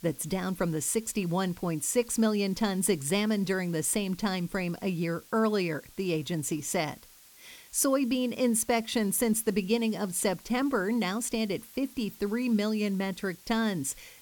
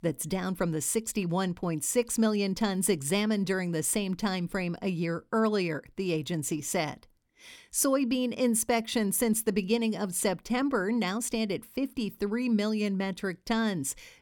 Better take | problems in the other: second | hiss; very faint; throughout; 25 dB below the speech

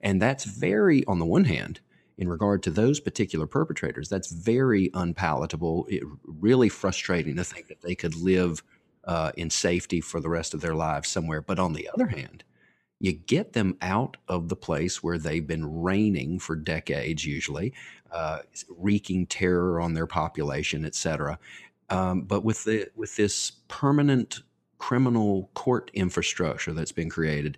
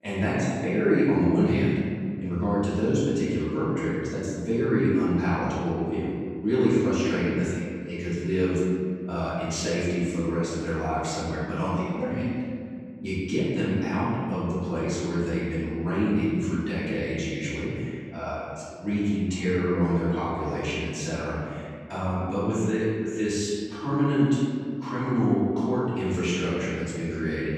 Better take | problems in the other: first | room echo; strong; dies away in 2.1 s // off-mic speech; far

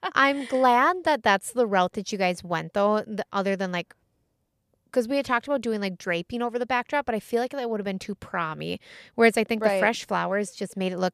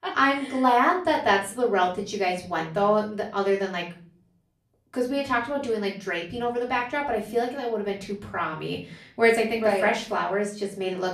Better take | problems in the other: first | off-mic speech; far // room echo; slight; dies away in 0.4 s

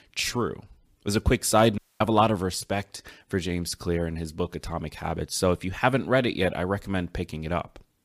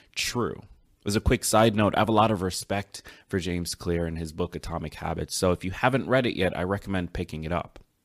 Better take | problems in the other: second | audio cutting out; at 2 s

